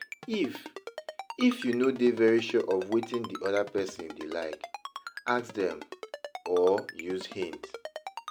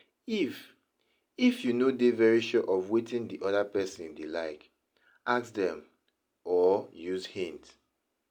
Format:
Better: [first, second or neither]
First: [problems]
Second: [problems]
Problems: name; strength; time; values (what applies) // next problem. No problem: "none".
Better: second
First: background sound (Ringtone); 13 dB below the speech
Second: none